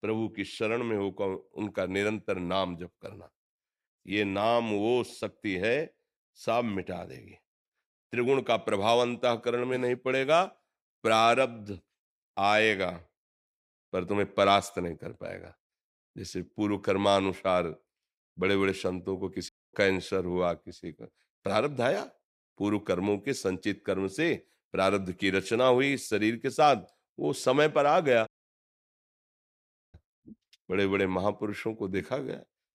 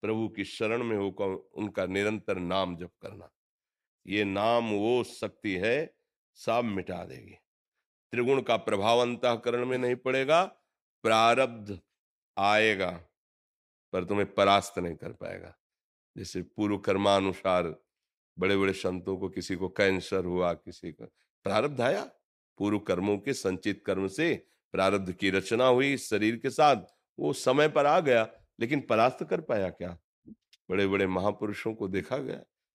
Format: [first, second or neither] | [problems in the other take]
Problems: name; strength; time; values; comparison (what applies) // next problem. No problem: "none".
second | audio cutting out; at 19 s and at 28 s for 1.5 s